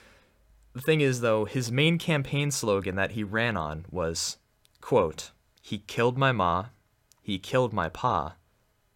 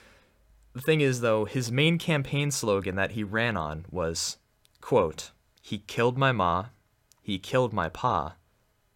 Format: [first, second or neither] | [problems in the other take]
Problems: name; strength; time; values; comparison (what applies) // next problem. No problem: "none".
neither | none